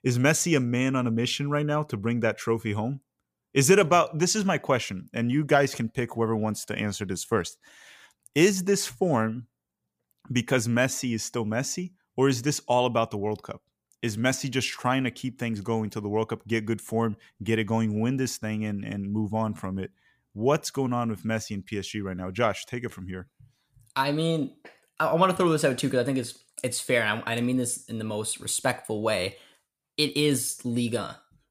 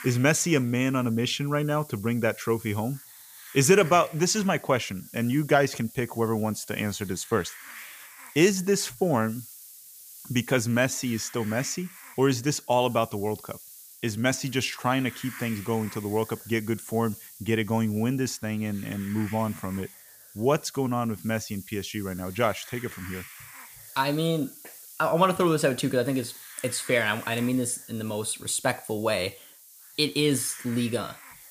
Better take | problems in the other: first | hiss; noticeable; throughout; 15 dB below the speech

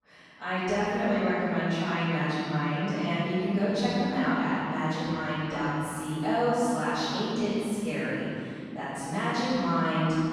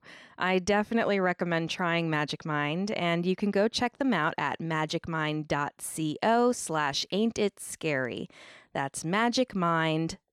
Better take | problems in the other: second | off-mic speech; far // room echo; strong; dies away in 2.8 s

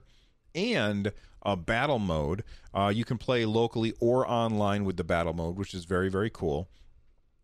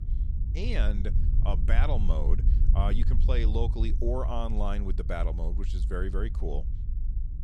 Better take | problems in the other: first | low rumble; noticeable; throughout; 10 dB below the speech

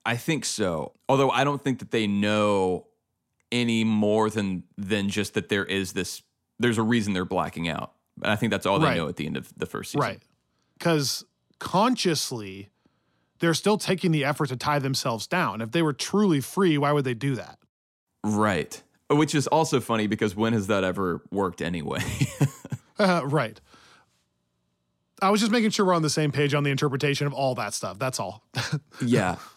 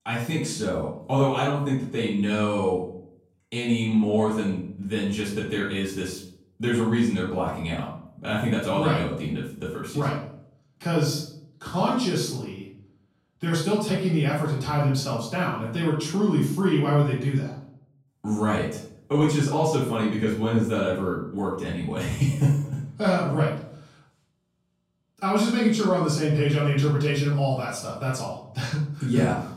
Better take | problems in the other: first | off-mic speech; far // room echo; noticeable; dies away in 0.5 s

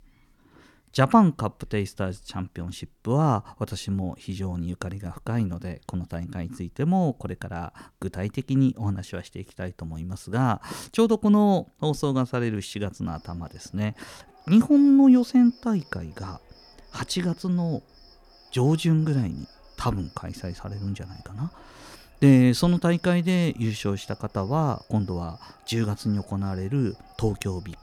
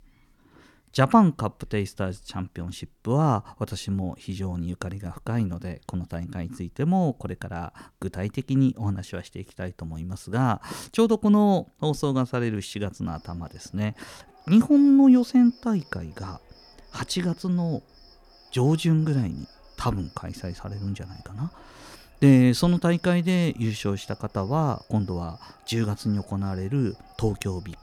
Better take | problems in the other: neither | animal sounds; faint; throughout; 30 dB below the speech; the same in both

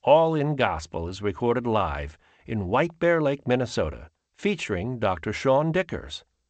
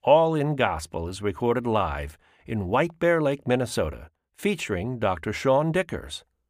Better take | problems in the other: second | garbled, watery; slightly; nothing above 8 kHz

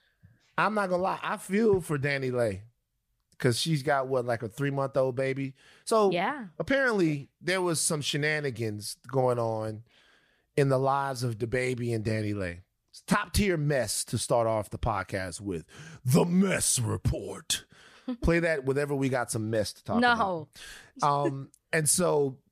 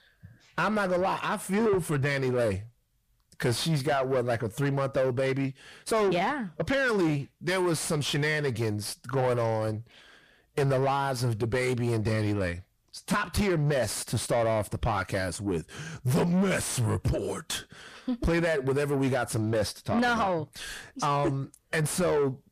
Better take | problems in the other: first | distortion; heavy; 8 dB below the speech

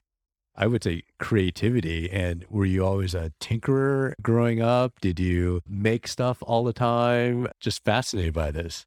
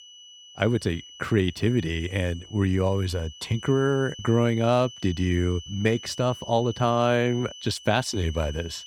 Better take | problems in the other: first | high-pitched whine; noticeable; throughout; 3 kHz, 15 dB below the speech

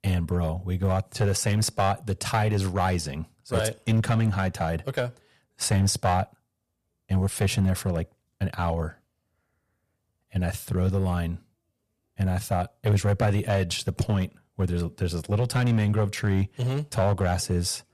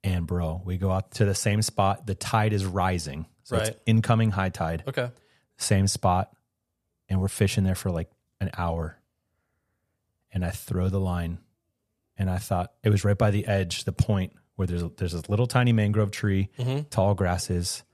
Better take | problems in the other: second | distortion; slight; 4% of the sound clipped

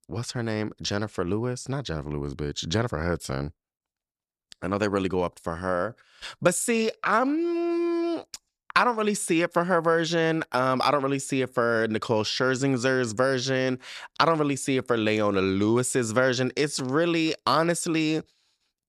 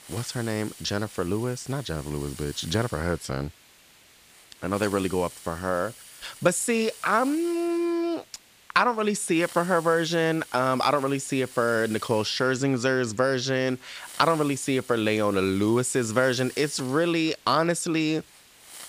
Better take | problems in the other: first | hiss; noticeable; throughout; 20 dB below the speech

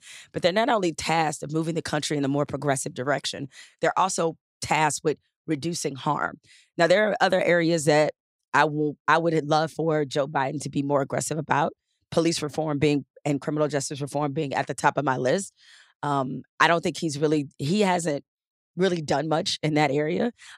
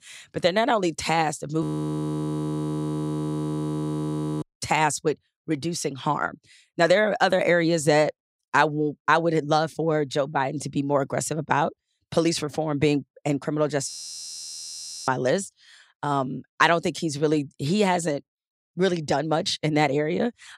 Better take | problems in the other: first | audio freezing; at 1.5 s for 3 s and at 14 s for 1 s

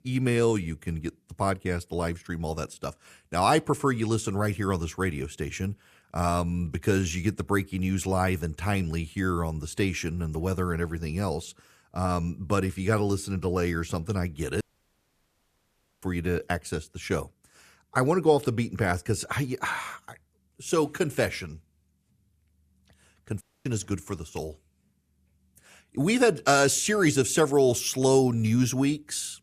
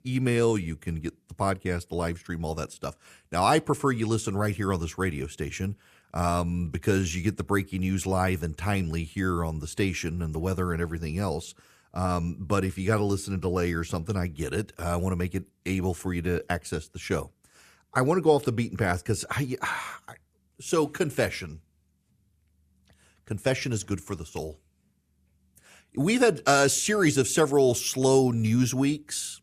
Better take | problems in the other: second | audio cutting out; at 15 s for 1.5 s and at 23 s

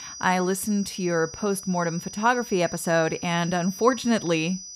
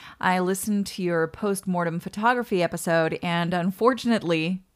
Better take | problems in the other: second | high-pitched whine; noticeable; throughout; 6 kHz, 15 dB below the speech

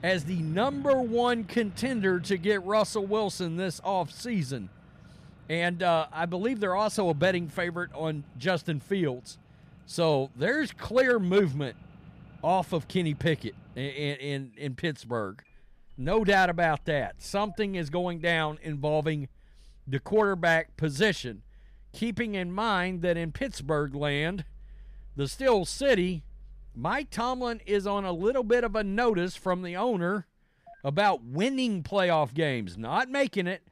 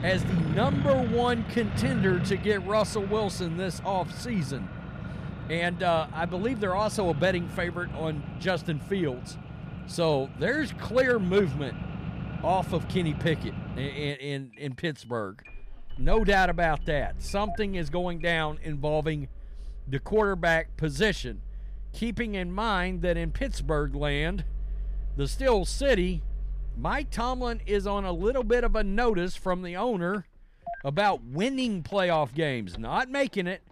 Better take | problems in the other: first | traffic noise; loud; throughout; 8 dB below the speech; faint in the first

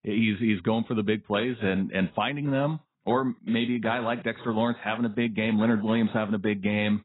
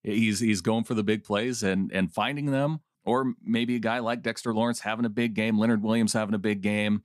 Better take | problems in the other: second | garbled, watery; badly; nothing above 4 kHz

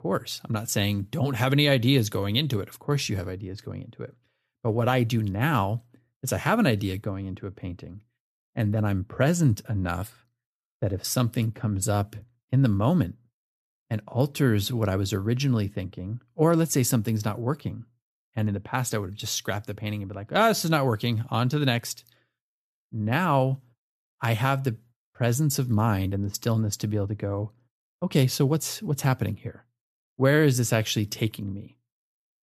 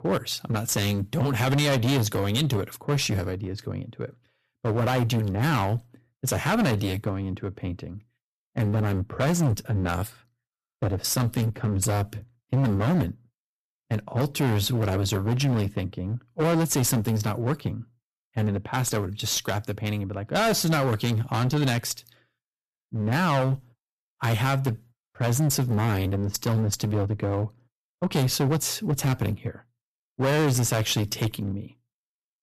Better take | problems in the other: first | distortion; heavy; 16% of the sound clipped

